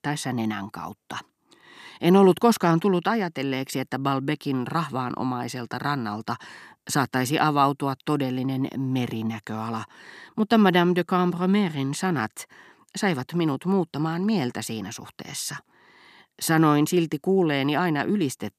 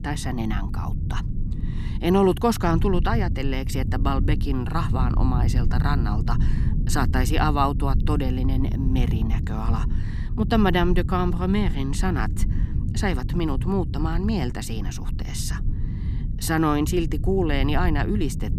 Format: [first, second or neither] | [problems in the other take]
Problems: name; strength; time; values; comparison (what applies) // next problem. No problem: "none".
first | low rumble; noticeable; throughout; 10 dB below the speech